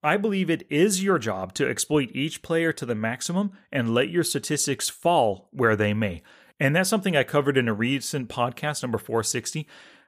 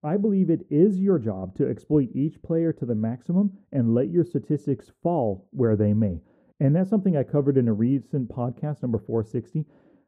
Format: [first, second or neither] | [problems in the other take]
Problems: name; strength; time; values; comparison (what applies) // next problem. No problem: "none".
first | muffled; very; fading above 1 kHz